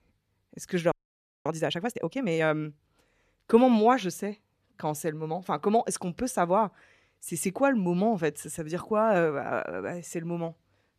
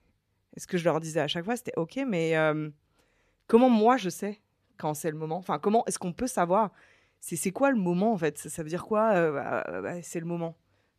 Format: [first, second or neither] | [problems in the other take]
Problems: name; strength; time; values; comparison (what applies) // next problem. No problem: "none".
second | audio freezing; at 1 s for 0.5 s